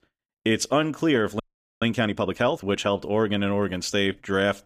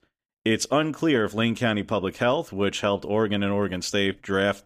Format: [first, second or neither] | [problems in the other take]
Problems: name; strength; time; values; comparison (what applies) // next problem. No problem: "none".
second | audio freezing; at 1.5 s